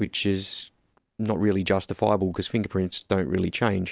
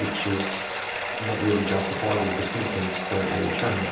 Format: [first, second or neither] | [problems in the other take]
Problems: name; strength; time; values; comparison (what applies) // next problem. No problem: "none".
first | background sound (Bathtub (filling or washing)); 2 dB below the speech // room echo; dies away in 0.6 s